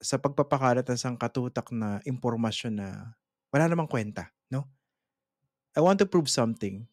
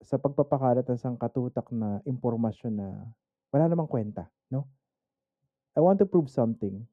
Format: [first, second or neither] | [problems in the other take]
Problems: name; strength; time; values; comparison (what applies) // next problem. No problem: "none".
first | muffled; very; fading above 1 kHz